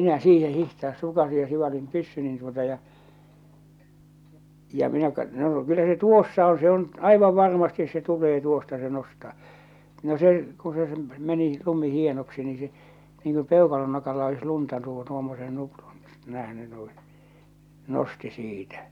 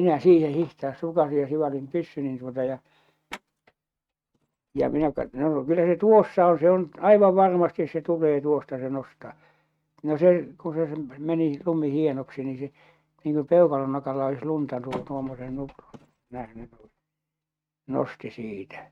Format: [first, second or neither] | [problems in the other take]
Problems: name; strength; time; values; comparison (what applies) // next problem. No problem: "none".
first | noise reduction (neural mask model RNNoise)